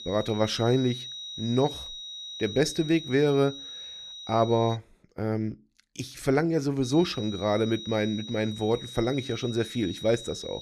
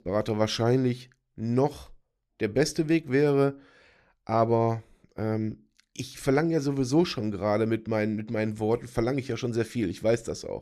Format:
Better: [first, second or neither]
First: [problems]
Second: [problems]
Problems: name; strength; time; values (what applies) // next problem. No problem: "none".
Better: second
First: high-pitched whine; noticeable; until 5 s and from 7 s on; 4 kHz, 10 dB below the speech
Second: none